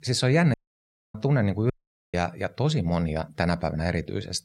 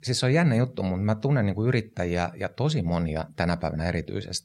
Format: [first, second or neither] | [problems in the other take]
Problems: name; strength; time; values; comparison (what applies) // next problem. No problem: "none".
second | audio cutting out; at 0.5 s for 0.5 s and at 1.5 s